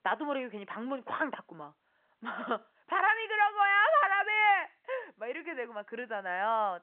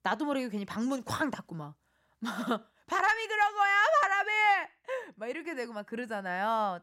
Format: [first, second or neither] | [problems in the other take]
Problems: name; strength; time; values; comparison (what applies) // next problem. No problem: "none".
second | phone-call audio